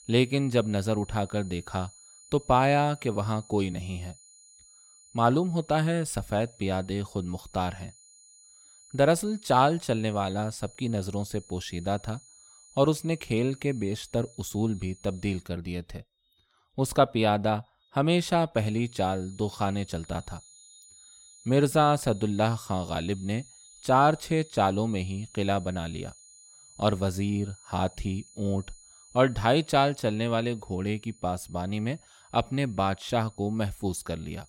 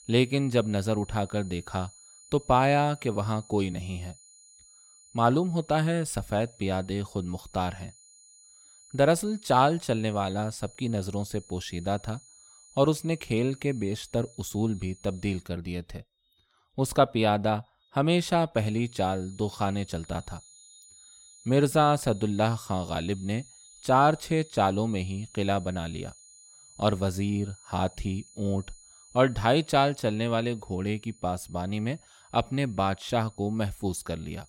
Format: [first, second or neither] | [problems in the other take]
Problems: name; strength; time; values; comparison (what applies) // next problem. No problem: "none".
neither | high-pitched whine; faint; until 15 s and from 19 s on; 7 kHz, 25 dB below the speech; the same in both